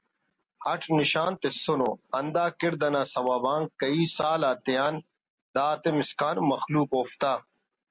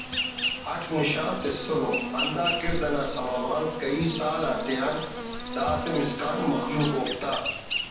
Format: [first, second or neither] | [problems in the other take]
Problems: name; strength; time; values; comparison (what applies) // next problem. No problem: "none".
first | background sound (Insect); 4 dB below the speech // room echo; dies away in 0.9 s